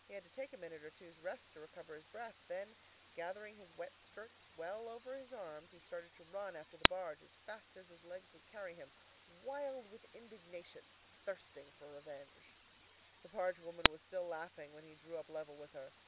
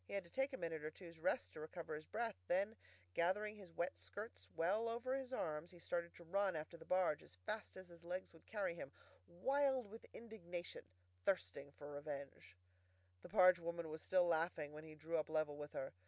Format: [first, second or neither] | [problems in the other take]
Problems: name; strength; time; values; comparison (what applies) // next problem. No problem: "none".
second | background sound (Camera); 2 dB above the speech